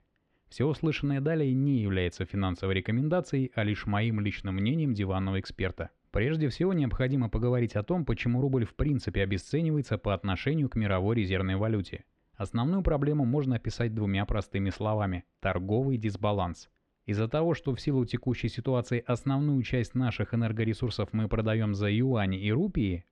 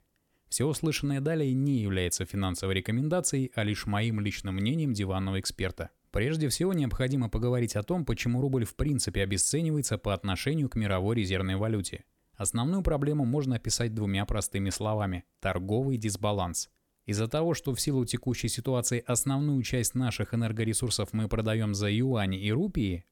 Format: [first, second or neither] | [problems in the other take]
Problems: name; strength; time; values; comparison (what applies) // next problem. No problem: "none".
second | muffled; very; fading above 3 kHz